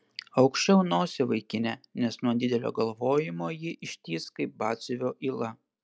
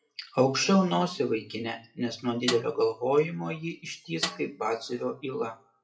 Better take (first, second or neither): first